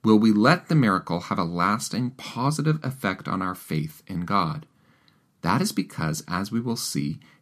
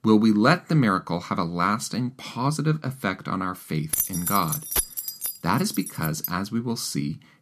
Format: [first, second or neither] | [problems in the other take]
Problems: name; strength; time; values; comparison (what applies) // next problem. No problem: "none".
first | jangling keys; loud; from 4 to 6.5 s; peak 1 dB above the speech